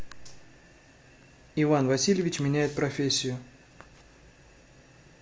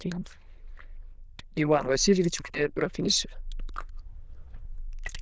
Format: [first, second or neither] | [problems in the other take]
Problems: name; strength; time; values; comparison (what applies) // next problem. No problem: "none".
first | noise reduction (neural diffusion model UNIVERSE++)